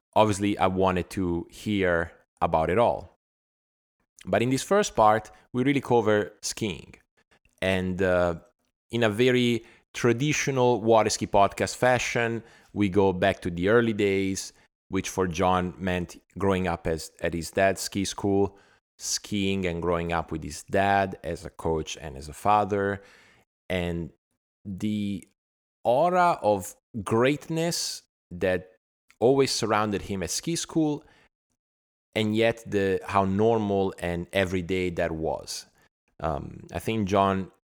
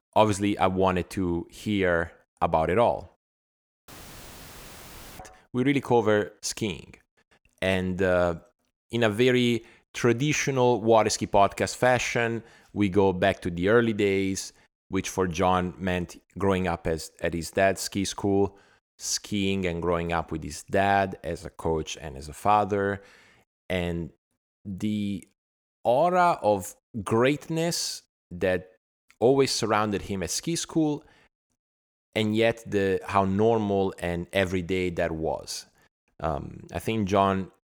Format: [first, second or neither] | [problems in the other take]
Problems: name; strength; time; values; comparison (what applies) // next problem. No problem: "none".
first | audio cutting out; filled with static; at 4 s for 1.5 s